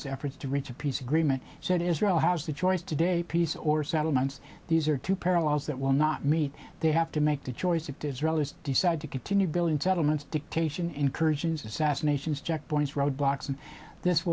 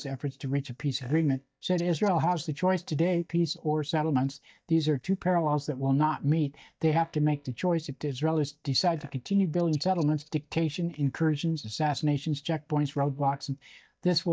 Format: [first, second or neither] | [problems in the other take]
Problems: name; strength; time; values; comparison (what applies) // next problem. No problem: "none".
first | noise reduction (neural mask model DeepFilterNet 3)